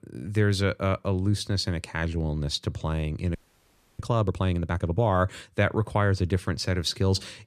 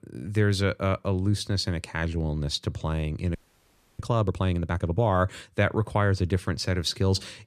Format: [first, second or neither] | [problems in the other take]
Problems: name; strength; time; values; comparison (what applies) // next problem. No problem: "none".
neither | audio freezing; at 3.5 s for 0.5 s; the same in both